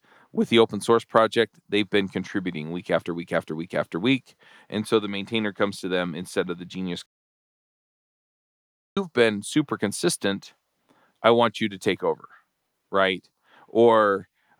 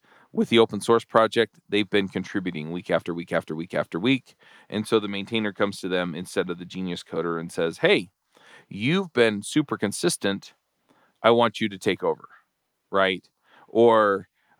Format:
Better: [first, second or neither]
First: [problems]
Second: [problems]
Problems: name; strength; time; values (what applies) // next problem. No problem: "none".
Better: second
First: audio cutting out; at 7 s for 2 s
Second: none